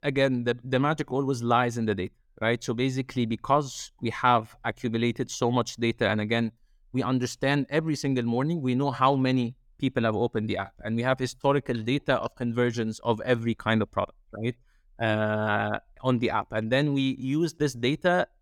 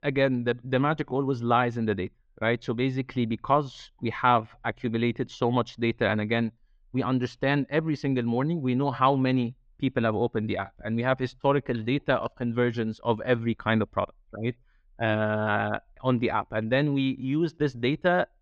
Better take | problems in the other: first | muffled; slightly; fading above 3.5 kHz

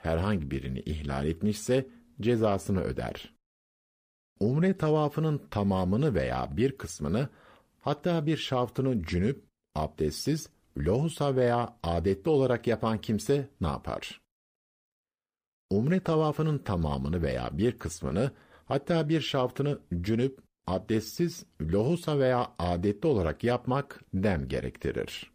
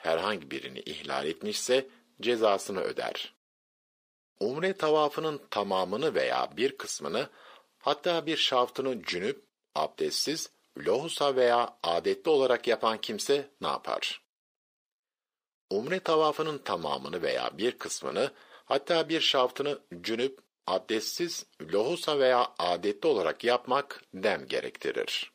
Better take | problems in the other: first | thin; very; fading below 450 Hz

